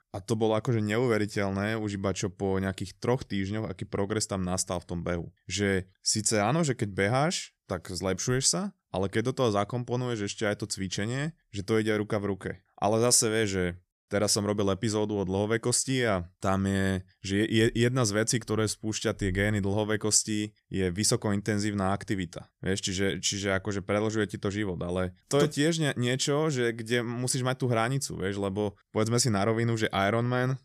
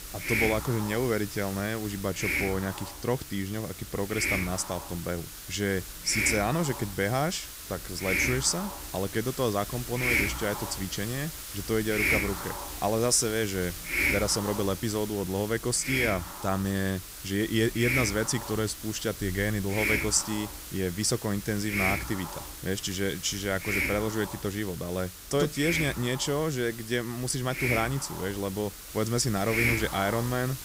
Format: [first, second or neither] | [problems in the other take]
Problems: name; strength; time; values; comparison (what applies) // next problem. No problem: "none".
first | hiss; loud; throughout; 3 dB below the speech